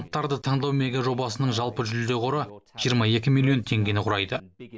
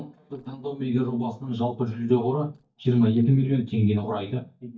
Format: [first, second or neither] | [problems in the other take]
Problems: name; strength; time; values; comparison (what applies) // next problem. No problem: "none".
first | noise reduction (neural mask model DeepFilterNet 3)